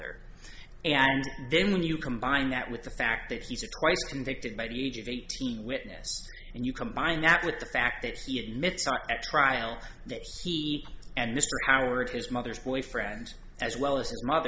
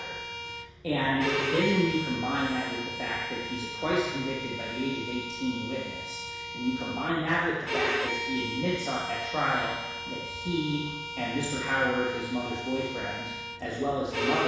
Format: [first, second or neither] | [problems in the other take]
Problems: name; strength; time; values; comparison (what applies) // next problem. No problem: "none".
first | background sound (Bowed string instrument); 5 dB below the speech // room echo; dies away in 1.1 s